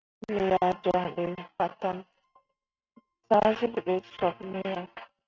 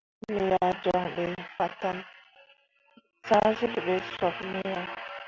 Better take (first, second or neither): second